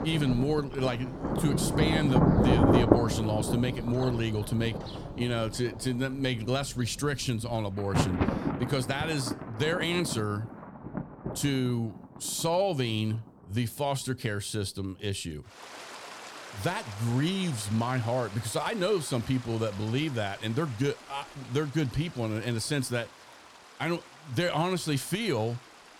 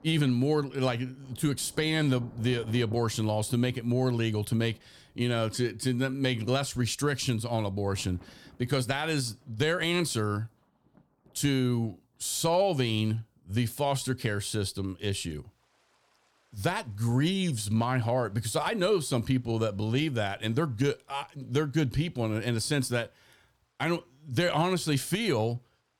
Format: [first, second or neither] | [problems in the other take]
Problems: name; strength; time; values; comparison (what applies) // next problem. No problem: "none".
second | rain or running water; loud; throughout; 1 dB below the speech; faint in the second